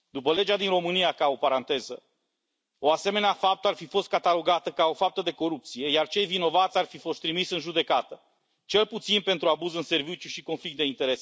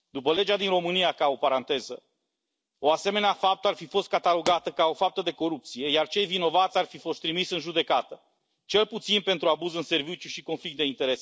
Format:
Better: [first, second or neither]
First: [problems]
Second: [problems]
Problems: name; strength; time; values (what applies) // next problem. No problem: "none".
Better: first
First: none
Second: noise reduction (neural separator model SepFormer DNS4)